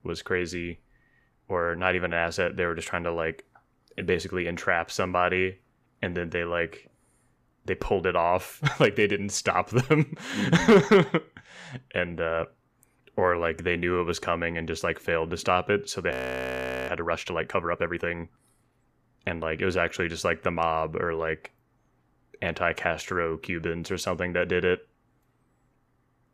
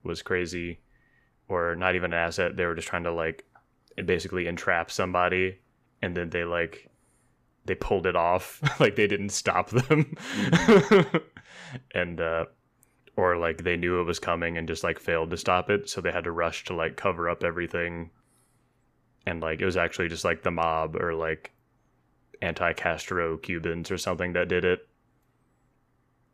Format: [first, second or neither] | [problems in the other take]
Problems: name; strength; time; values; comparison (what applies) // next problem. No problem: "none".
second | audio freezing; at 16 s for 1 s